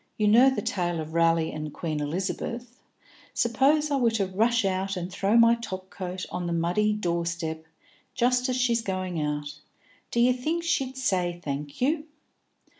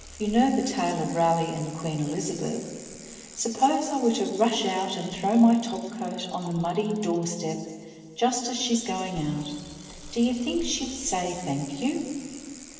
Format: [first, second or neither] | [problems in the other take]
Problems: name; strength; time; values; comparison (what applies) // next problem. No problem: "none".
first | background sound (Bicycle); 18 dB below the speech // room echo; dies away in 2.3 s